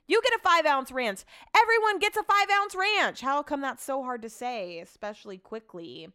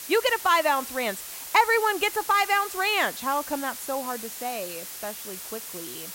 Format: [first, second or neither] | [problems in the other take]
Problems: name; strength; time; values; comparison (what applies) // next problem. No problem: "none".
first | hiss; noticeable; throughout; 10 dB below the speech